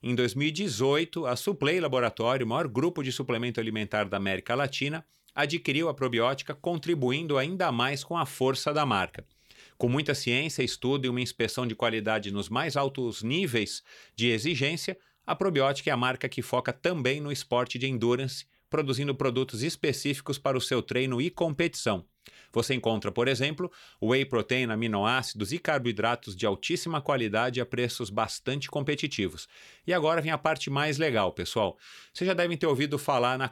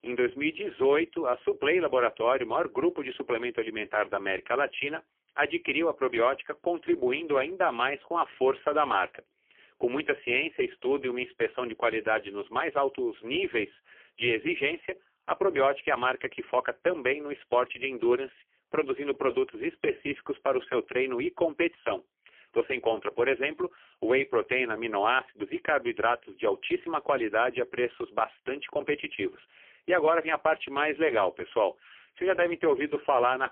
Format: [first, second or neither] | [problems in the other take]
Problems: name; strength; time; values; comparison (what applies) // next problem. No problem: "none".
first | phone-call audio; poor line; nothing above 3 kHz